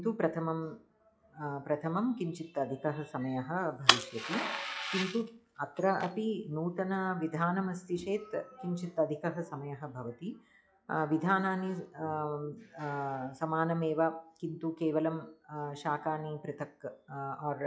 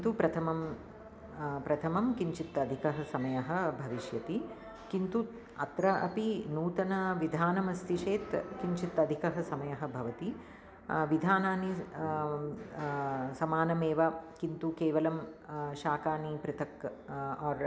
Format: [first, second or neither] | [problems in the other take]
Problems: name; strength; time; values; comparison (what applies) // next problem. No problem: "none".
second | noise reduction (classical method log-MMSE)